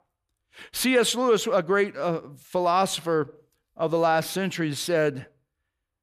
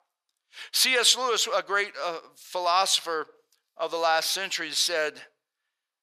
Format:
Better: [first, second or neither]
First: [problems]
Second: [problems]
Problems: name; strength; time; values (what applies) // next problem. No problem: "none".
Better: first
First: none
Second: thin; very; fading below 750 Hz